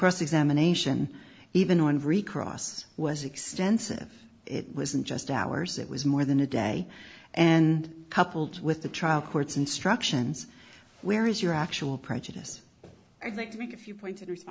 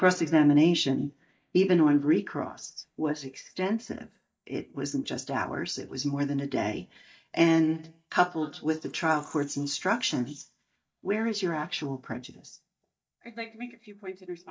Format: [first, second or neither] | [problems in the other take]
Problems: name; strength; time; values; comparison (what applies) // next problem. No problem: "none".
first | noise reduction (neural mask model DeepFilterNet 3)